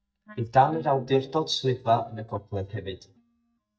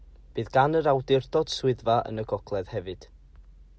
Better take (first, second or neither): second